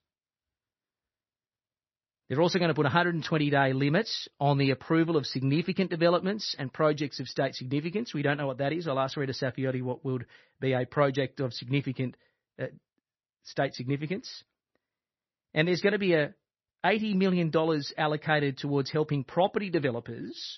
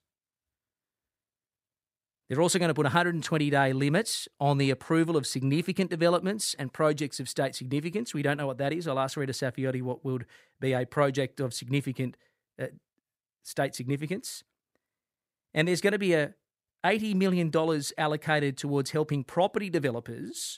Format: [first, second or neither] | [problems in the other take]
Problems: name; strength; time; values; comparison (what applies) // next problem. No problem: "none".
second | garbled, watery; slightly; nothing above 6 kHz